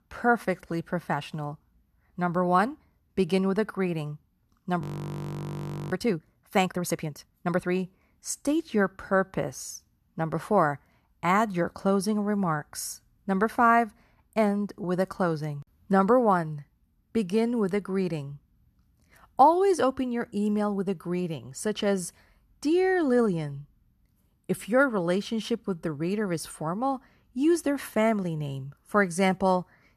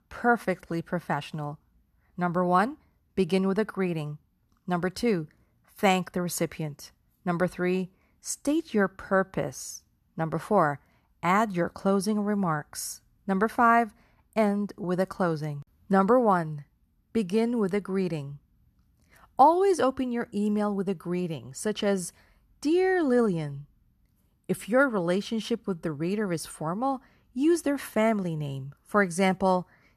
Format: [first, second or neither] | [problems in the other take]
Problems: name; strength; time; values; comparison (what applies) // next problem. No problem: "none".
second | audio freezing; at 5 s for 1 s